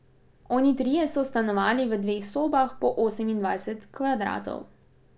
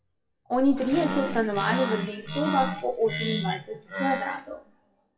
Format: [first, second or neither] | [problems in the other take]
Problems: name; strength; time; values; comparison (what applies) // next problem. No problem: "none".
first | noise reduction (classical method WPE with log-MMSE)